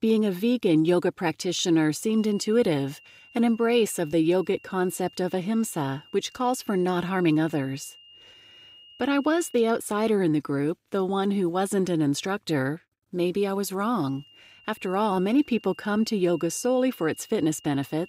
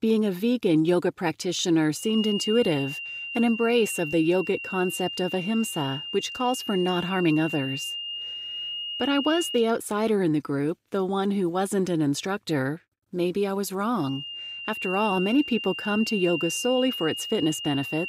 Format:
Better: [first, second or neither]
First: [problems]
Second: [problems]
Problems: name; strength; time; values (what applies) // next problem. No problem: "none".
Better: first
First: high-pitched whine; faint; from 2 to 9.5 s and from 14 s on; 3 kHz, 25 dB below the speech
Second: high-pitched whine; loud; from 2 to 9.5 s and from 14 s on; 3 kHz, 6 dB below the speech